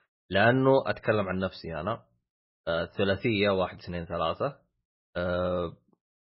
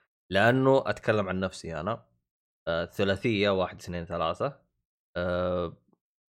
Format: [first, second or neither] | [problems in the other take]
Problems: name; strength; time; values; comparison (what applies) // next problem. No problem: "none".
second | garbled, watery; badly; nothing above 5.5 kHz